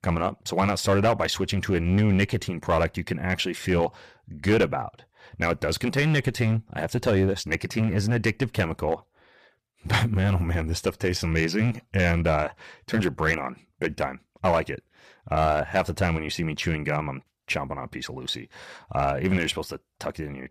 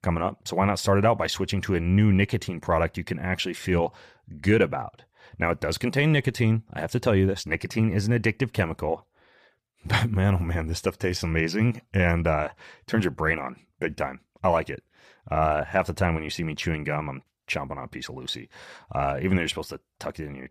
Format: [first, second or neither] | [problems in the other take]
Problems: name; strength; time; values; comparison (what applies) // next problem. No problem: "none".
second | distortion; slight; 4% of the sound clipped